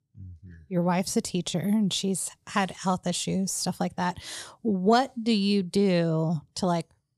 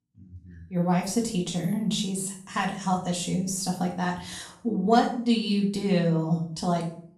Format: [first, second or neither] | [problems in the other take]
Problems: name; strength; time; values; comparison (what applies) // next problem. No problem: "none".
first | room echo; slight; dies away in 0.5 s // off-mic speech; far